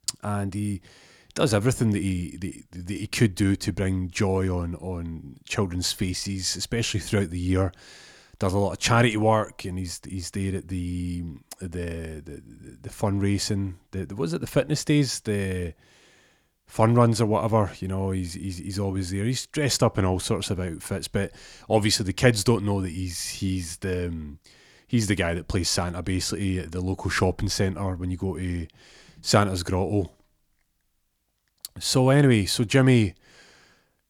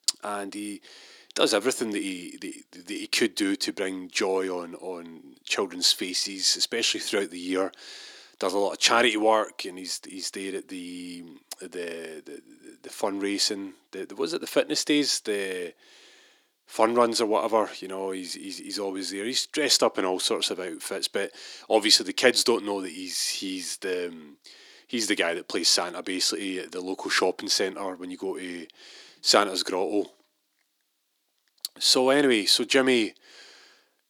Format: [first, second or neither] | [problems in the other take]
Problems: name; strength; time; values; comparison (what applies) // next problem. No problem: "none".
first | thin; somewhat; fading below 300 Hz